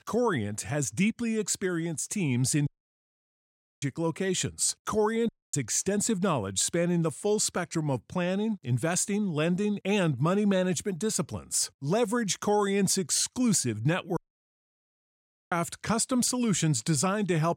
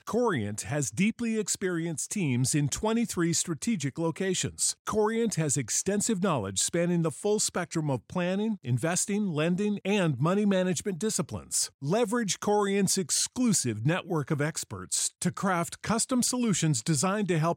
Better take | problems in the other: second | audio cutting out; at 2.5 s for 1 s, at 5.5 s and at 14 s for 1.5 s

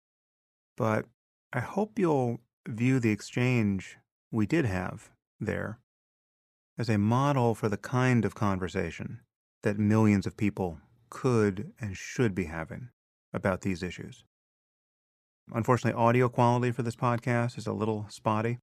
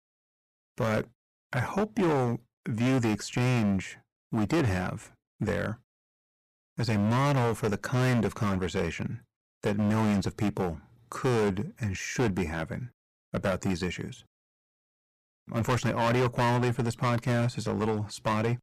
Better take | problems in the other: first | distortion; heavy; 12% of the sound clipped

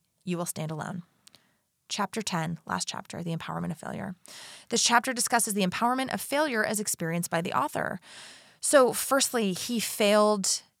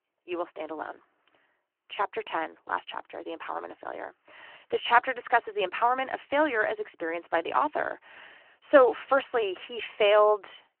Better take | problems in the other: first | phone-call audio

